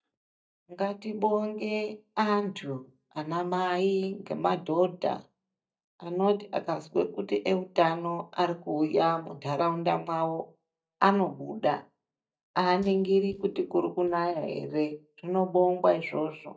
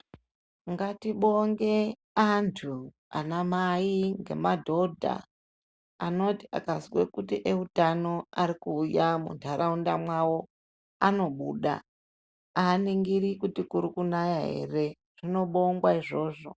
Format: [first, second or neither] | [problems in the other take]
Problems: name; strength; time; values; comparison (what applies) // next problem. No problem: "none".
second | noise reduction (neural mask model DeepFilterNet 3)